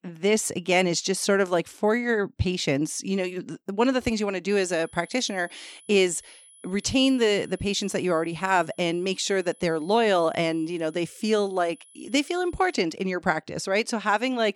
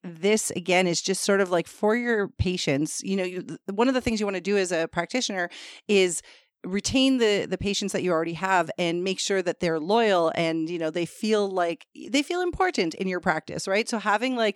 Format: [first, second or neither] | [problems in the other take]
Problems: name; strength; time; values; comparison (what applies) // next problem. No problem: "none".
second | high-pitched whine; faint; from 4.5 to 13 s; 10.5 kHz, 25 dB below the speech